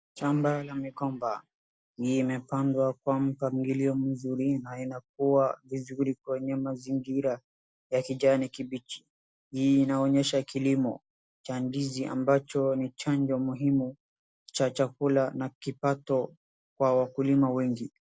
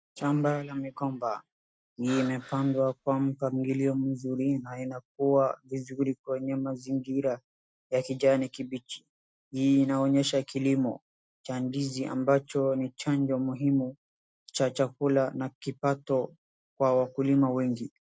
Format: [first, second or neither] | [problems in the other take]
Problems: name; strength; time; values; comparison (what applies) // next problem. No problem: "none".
first | noise reduction (neural mask model RNNoise)